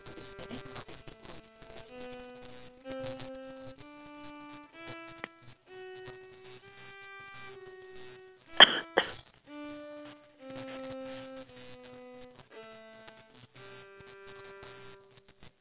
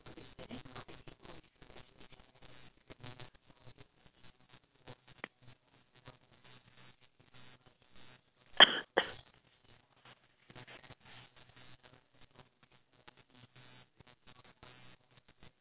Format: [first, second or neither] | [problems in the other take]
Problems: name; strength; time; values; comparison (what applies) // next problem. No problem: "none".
second | background sound (Bowed string instrument); 12 dB below the speech